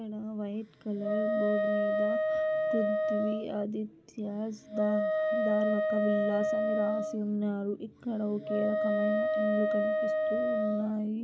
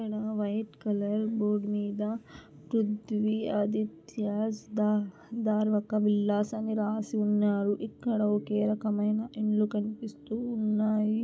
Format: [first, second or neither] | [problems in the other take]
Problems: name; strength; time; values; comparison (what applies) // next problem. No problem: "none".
second | background sound (Wind instrument, woodwind instrument); 3 dB above the speech